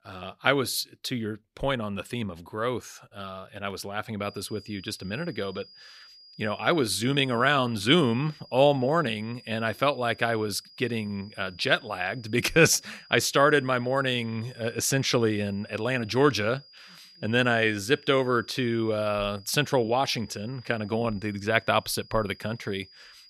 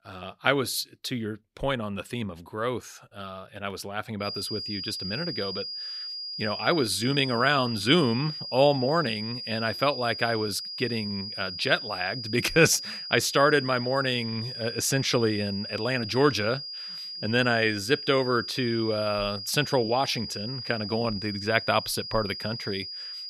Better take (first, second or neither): first